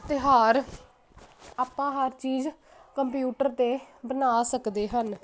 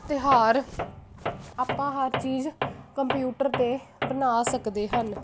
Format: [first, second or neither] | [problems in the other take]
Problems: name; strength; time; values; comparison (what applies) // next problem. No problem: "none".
first | background sound (Tools); 8 dB below the speech